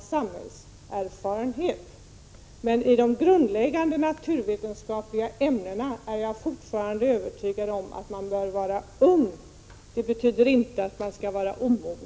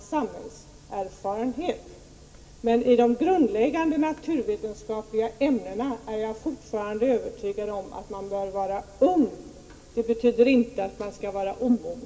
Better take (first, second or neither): first